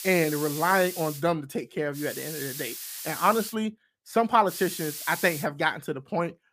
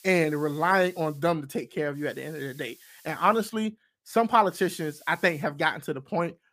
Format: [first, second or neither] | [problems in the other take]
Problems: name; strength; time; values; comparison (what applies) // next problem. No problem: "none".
second | hiss; loud; until 1 s, from 2 to 3.5 s and at 4.5 s; 8 dB below the speech; faint in the second